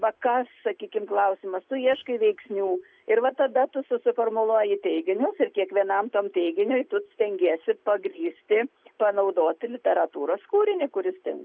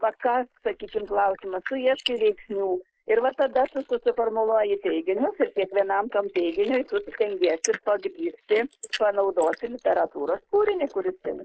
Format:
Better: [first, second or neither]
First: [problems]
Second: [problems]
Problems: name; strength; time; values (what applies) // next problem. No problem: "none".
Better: first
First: none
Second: noise reduction (neural mask model Resemble Enhance denoiser)